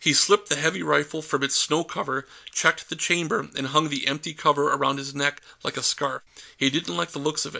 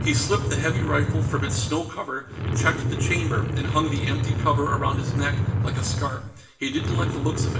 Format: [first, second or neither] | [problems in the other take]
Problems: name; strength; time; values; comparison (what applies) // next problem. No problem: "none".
first | background sound (Truck); 3 dB above the speech // room echo; dies away in 0.8 s